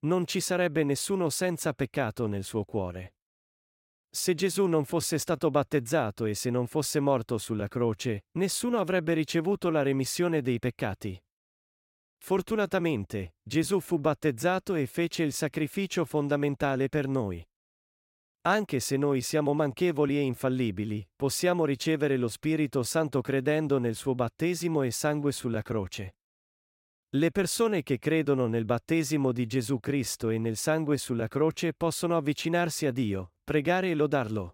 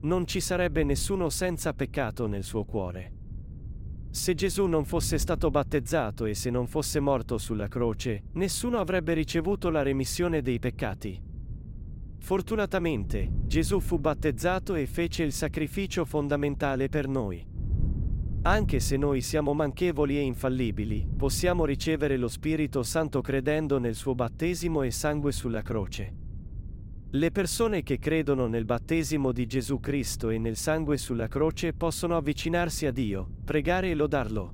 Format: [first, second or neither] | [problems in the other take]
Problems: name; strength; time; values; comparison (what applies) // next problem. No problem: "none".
first | wind noise on the microphone; occasional gusts; 20 dB below the speech